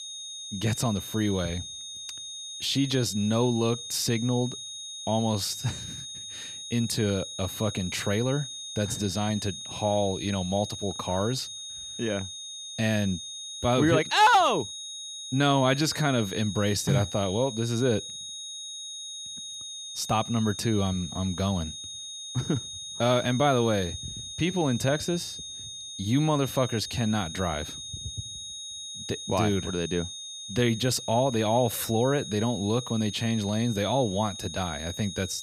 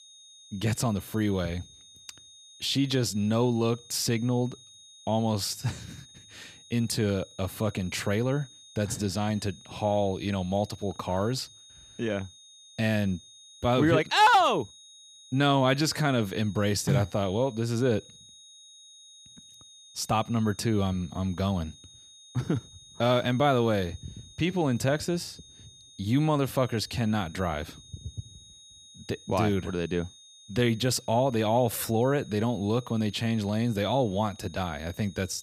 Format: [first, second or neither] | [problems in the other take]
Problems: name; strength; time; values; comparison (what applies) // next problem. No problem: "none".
second | high-pitched whine; loud; throughout; 4 kHz, 9 dB below the speech; faint in the second